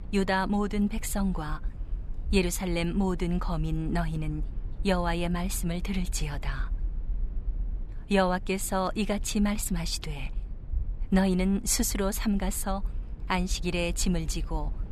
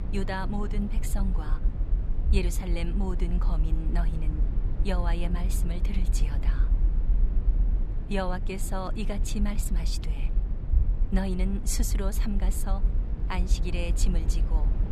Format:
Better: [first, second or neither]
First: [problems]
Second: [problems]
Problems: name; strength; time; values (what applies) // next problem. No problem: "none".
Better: first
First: low rumble; faint; throughout; 25 dB below the speech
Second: low rumble; loud; throughout; 10 dB below the speech